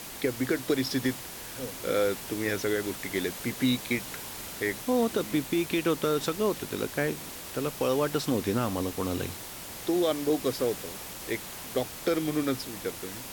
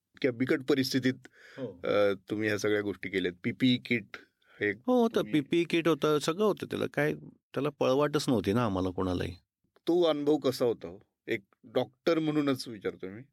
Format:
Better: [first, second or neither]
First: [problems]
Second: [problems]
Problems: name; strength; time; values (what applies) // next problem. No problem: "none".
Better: second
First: hiss; loud; throughout; 8 dB below the speech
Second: none